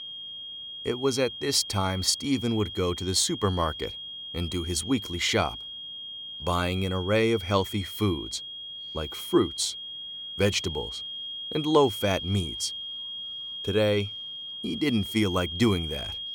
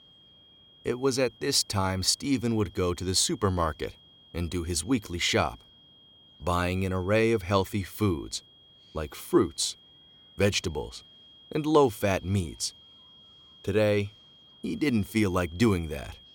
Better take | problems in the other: second | high-pitched whine; loud; throughout; 3.5 kHz, 8 dB below the speech; faint in the second

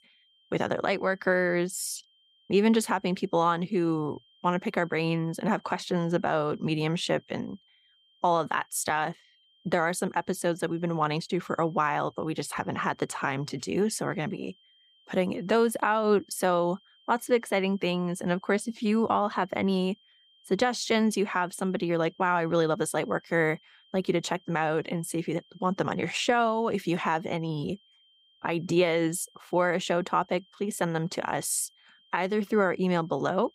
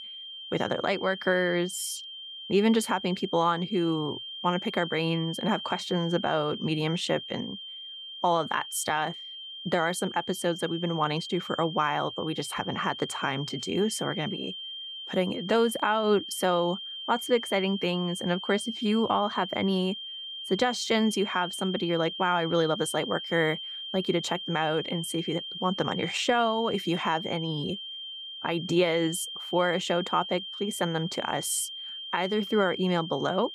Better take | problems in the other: first | high-pitched whine; loud; throughout; 3 kHz, 8 dB below the speech; faint in the first

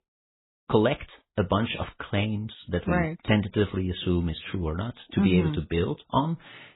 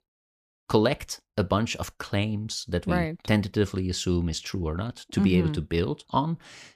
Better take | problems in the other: second | garbled, watery; badly; nothing above 4 kHz

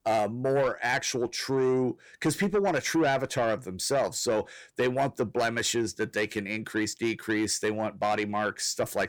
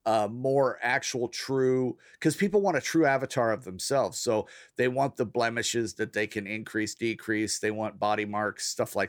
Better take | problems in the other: second | distortion; slight; 10 dB below the speech

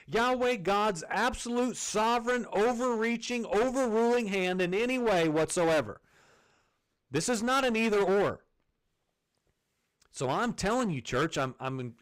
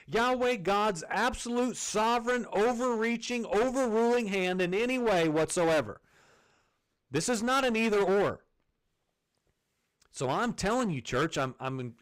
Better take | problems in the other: neither | distortion; heavy; 15% of the sound clipped; the same in both

